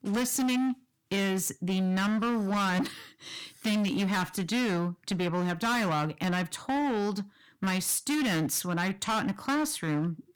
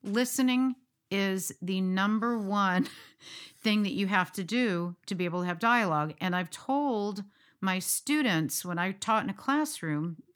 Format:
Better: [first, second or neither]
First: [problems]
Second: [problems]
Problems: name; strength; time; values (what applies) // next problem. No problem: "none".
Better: second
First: distortion; heavy; 24% of the sound clipped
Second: none